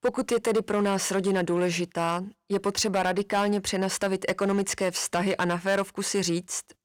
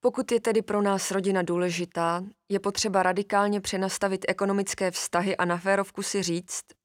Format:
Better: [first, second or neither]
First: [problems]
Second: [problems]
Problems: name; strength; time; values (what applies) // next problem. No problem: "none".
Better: second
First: distortion; slight; 7% of the sound clipped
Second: none